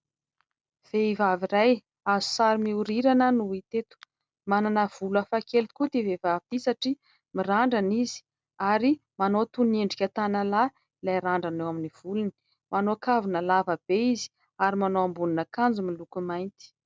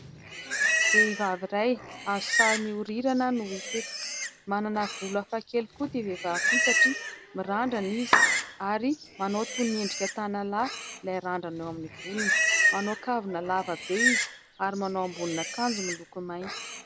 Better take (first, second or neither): first